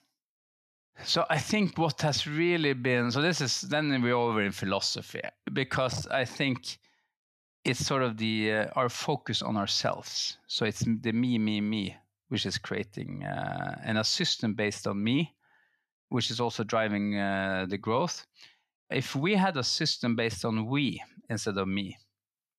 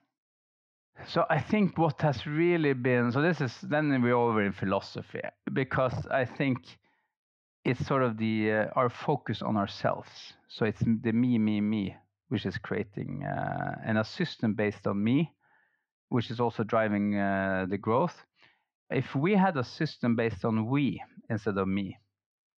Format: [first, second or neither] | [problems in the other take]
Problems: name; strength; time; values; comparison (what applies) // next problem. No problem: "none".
first | muffled; very; fading above 2 kHz